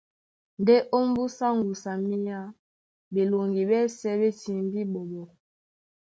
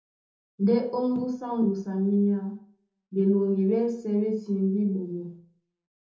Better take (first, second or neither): first